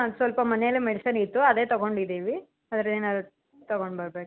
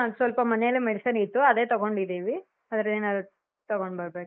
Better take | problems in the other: first | noise reduction (neural mask model Resemble Enhance denoiser)

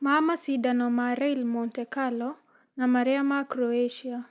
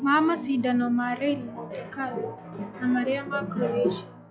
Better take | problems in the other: first | noise reduction (classical method log-MMSE)

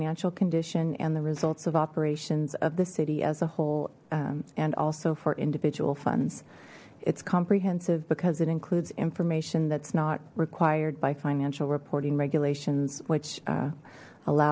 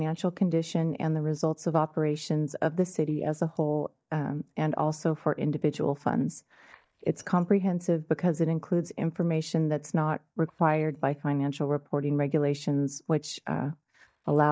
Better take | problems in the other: first | noise reduction (neural mask model DeepFilterNet 3)

